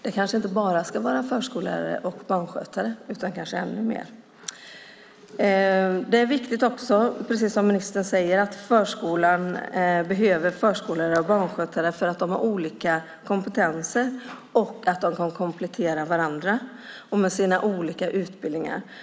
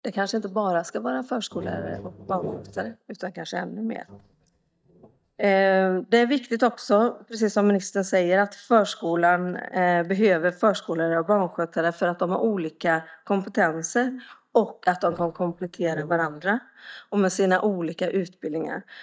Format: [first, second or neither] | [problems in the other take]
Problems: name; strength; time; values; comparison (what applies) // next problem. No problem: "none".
first | noise reduction (neural mask model DeepFilterNet 3)